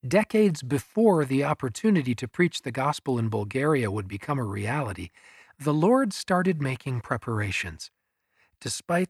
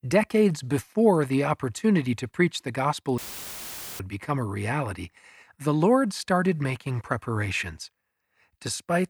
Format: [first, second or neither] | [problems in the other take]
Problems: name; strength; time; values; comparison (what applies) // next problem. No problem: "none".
first | audio cutting out; filled with static; at 3 s for 1 s